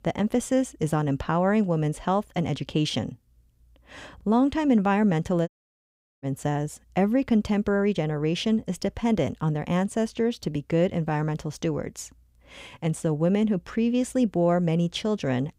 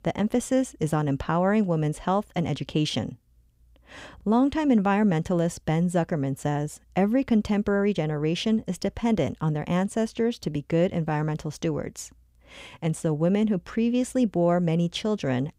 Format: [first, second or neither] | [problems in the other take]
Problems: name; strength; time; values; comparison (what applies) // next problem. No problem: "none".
second | audio cutting out; at 5.5 s for 0.5 s